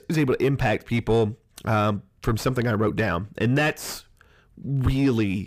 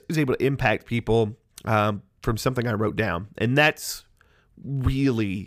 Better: second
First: distortion; slight; 10 dB below the speech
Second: none

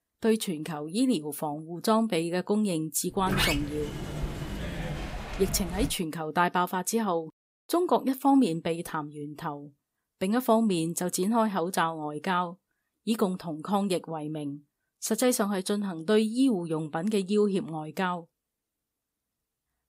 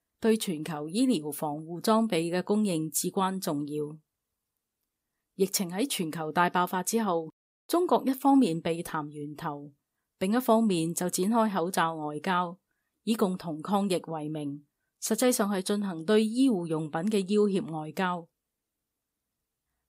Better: second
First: door banging; loud; from 3 to 6 s; peak 2 dB above the speech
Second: none

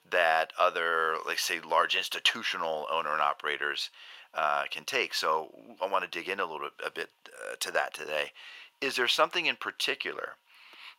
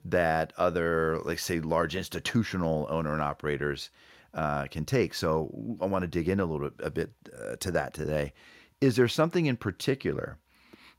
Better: second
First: thin; very; fading below 800 Hz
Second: none

